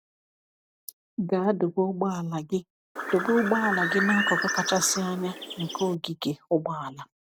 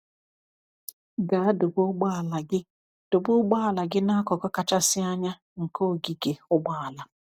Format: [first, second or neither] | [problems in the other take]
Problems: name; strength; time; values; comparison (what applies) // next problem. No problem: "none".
second | background sound (Bird); 2 dB below the speech